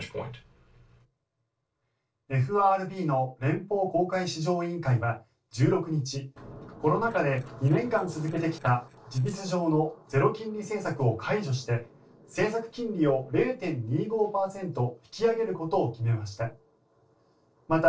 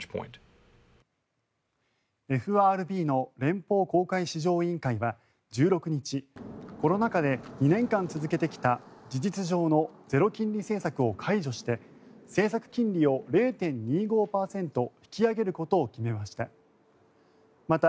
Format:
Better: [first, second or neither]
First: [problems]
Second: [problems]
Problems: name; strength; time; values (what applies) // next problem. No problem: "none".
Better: second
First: noise reduction (neural separator model SepFormer DNS4)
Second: none